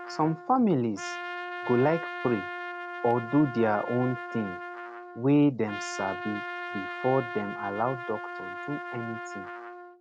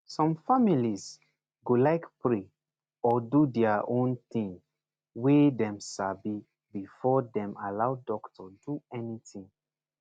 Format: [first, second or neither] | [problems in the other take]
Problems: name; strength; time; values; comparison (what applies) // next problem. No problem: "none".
second | background sound (Trumpet); 9 dB below the speech